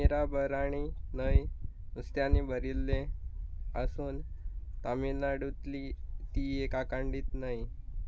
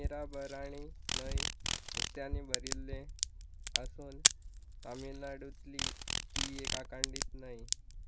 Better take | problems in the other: first | background sound (Crack + Insect); 4 dB above the speech

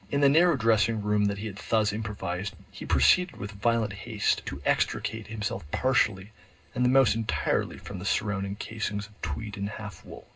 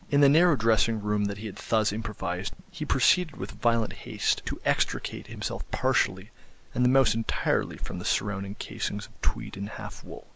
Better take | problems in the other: second | room echo; dies away in 0.2 s

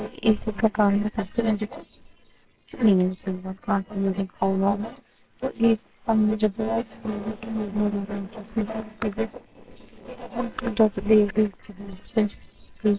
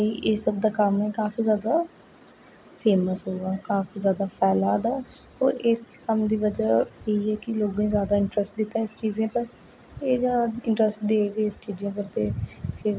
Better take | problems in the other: second | noise reduction (neural separator model SepFormer WHAMR!)

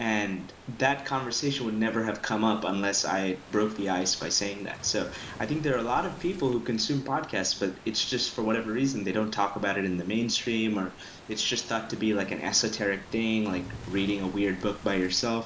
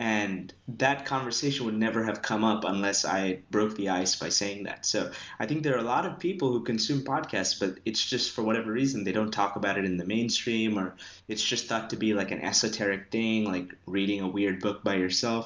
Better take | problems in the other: second | background sound (Wood / Tools + Waves, surf); 18 dB below the speech

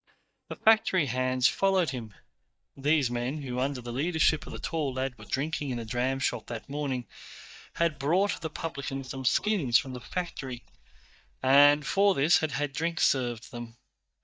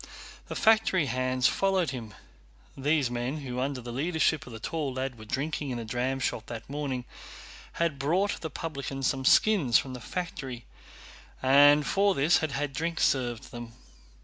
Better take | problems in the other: second | noise reduction (neural mask model DeepFilterNet 3)

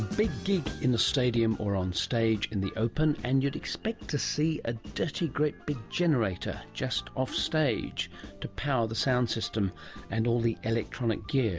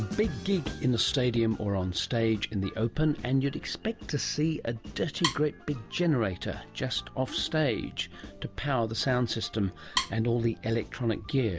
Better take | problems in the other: first | background sound (Wood); 7 dB below the speech

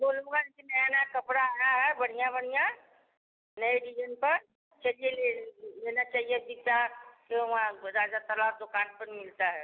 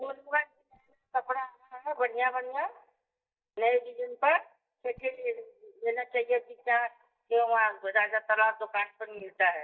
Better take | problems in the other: first | noise reduction (neural mask model DeepFilterNet 3)

